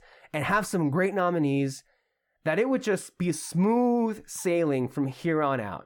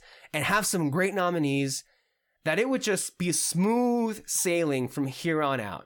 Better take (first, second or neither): second